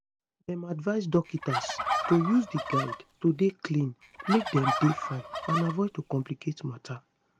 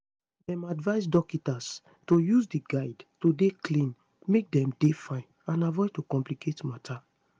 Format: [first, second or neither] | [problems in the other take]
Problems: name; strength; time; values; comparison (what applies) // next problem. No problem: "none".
second | background sound (Fowl); 4 dB below the speech